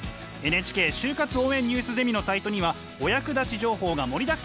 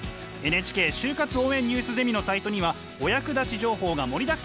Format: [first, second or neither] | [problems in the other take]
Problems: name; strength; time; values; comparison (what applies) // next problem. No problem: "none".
first | background sound (Bowed string instrument); 17 dB below the speech